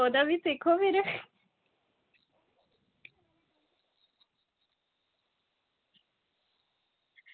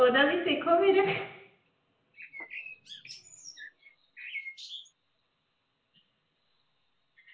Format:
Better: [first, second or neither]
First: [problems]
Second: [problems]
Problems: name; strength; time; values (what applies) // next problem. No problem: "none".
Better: first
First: none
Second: background sound (Bird); 13 dB below the speech // room echo; dies away in 0.8 s